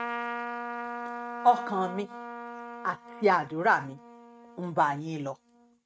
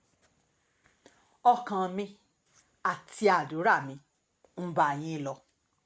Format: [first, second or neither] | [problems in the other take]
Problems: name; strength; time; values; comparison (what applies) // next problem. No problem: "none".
second | noise reduction (neural mask model RNNoise)